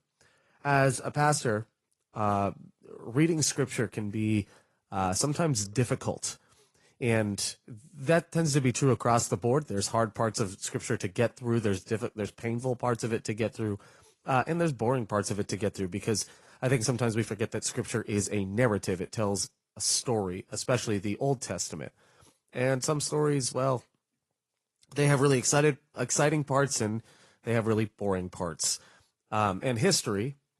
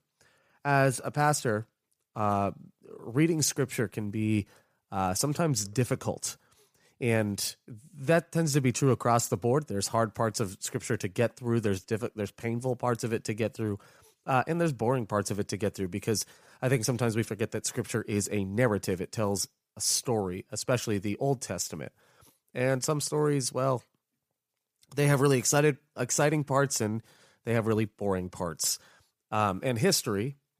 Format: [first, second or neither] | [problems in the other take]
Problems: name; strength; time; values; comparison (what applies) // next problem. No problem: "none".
second | garbled, watery; slightly; nothing above 11.5 kHz